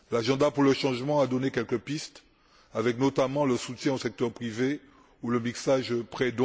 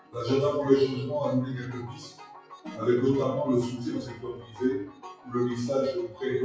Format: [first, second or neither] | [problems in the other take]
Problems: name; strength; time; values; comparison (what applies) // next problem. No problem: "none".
first | noise reduction (classical method WPE with log-MMSE)